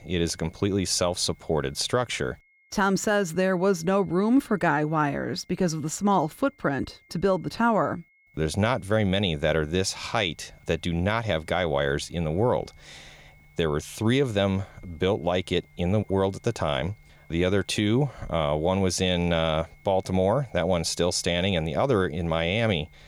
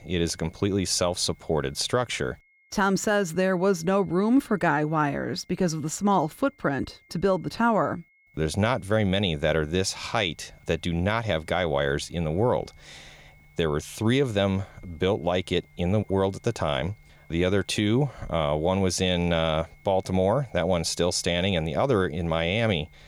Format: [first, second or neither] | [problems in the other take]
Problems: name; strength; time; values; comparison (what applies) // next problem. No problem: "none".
neither | high-pitched whine; faint; throughout; 2 kHz, 35 dB below the speech; the same in both